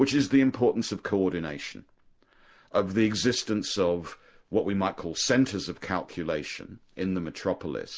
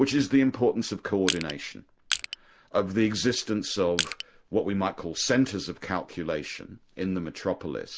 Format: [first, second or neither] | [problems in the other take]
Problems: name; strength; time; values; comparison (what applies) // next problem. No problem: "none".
first | background sound (Crushing); 5 dB below the speech